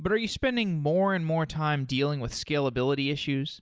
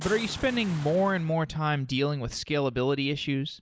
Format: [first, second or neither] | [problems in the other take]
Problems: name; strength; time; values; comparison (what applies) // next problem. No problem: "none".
first | background sound (Boom); 14 dB below the speech